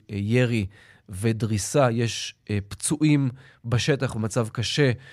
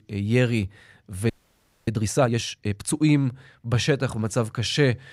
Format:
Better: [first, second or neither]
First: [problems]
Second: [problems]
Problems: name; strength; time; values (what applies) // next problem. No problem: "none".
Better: first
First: none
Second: audio freezing; at 1.5 s for 0.5 s